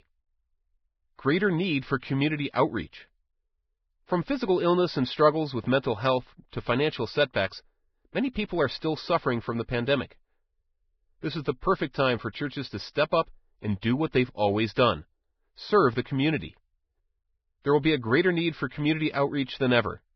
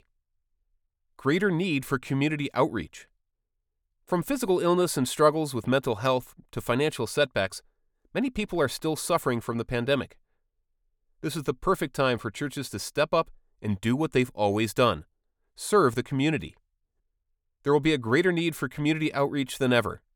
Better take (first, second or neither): second